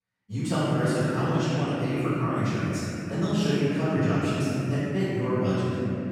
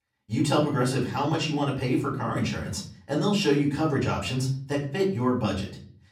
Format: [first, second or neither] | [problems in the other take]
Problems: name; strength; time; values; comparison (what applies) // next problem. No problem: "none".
second | room echo; strong; dies away in 3 s; slight in the second // off-mic speech; far; far in the second